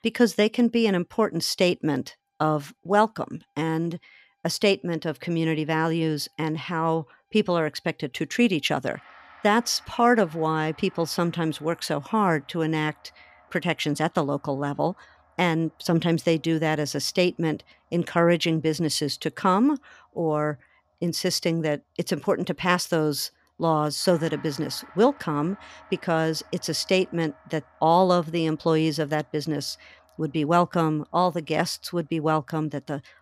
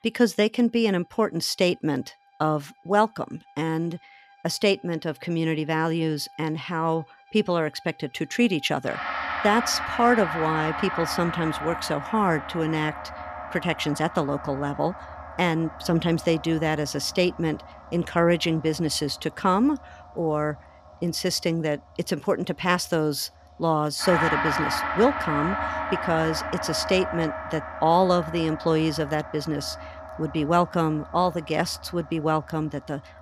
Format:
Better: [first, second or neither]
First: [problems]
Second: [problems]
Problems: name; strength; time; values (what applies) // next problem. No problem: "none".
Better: first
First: background music; faint; throughout; 30 dB below the speech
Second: background music; loud; throughout; 7 dB below the speech